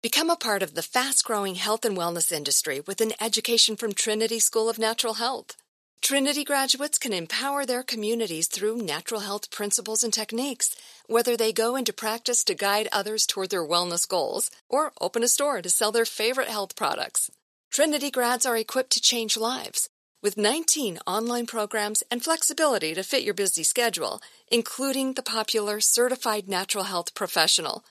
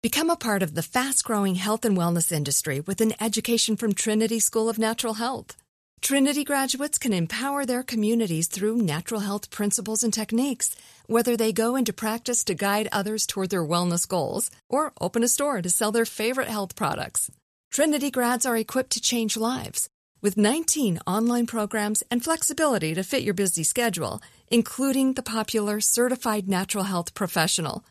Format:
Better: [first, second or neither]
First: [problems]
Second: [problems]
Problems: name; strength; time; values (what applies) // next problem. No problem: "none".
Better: second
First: thin; somewhat; fading below 400 Hz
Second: none